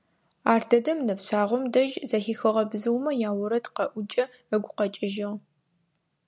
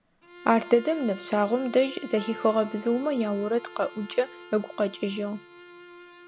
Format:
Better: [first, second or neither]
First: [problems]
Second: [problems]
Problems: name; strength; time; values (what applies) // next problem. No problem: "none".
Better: first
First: none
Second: background sound (Bowed string instrument + Keyboard (musical)); 17 dB below the speech